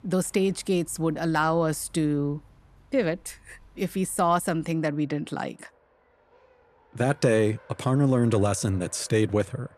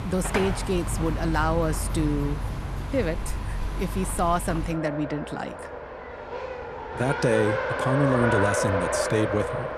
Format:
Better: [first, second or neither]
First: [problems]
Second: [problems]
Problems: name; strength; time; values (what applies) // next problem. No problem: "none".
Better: first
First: traffic noise; faint; throughout; 30 dB below the speech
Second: traffic noise; loud; throughout; 3 dB below the speech